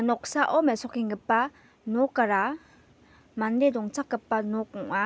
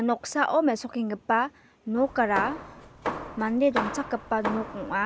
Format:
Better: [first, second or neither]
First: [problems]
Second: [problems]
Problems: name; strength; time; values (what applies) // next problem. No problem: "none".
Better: first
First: none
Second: background sound (Hammer); 7 dB below the speech